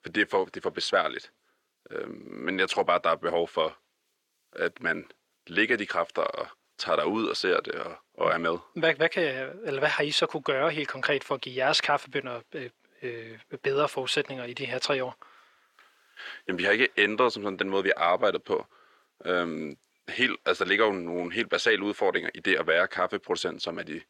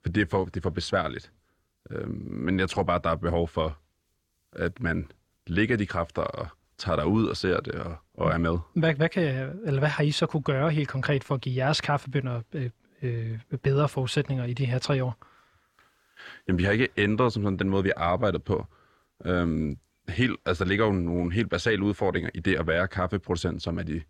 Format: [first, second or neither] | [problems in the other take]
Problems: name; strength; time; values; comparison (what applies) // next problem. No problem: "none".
second | thin; somewhat; fading below 400 Hz